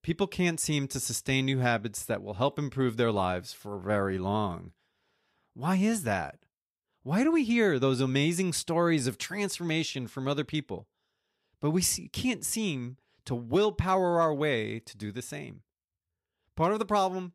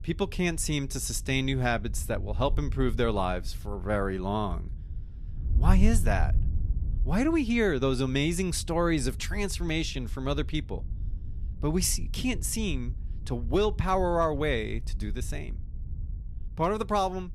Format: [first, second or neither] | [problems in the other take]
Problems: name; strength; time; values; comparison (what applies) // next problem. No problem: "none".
first | wind noise on the microphone; occasional gusts; 20 dB below the speech